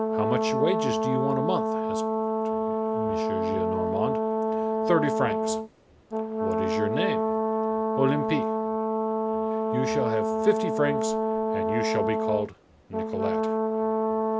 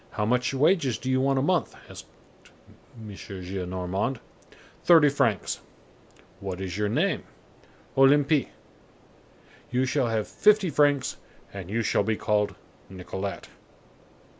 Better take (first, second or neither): second